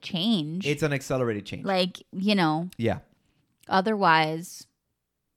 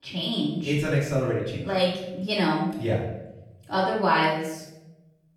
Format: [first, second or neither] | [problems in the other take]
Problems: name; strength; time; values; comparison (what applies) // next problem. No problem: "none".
first | off-mic speech; far // room echo; noticeable; dies away in 0.8 s